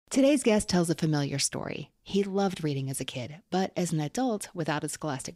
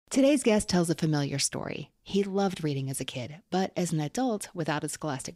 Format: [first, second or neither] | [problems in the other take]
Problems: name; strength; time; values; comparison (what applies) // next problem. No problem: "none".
neither | none